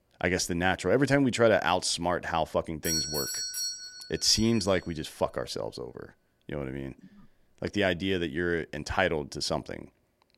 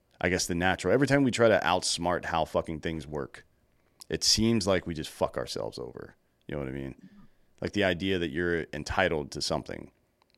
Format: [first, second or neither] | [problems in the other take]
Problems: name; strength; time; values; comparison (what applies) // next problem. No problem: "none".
second | doorbell; noticeable; from 3 to 4.5 s; peak level with the speech